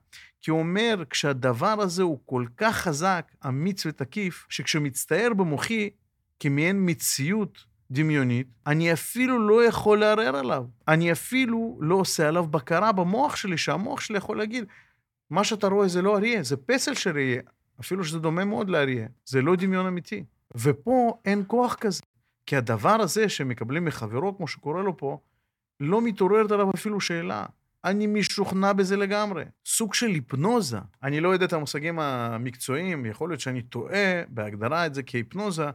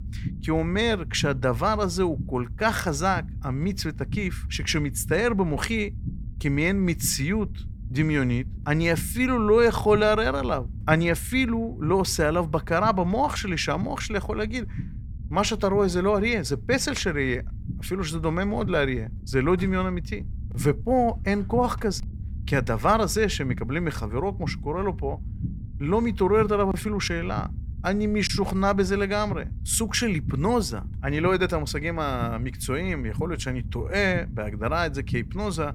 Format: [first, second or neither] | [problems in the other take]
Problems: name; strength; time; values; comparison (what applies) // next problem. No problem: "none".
first | low rumble; faint; throughout; 20 dB below the speech